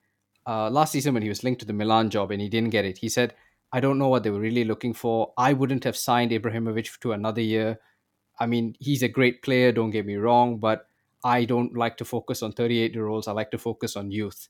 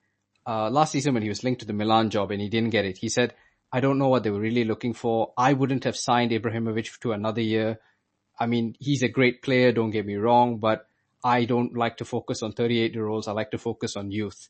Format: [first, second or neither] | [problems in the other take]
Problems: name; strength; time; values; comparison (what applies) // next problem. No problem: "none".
first | garbled, watery; slightly; nothing above 8 kHz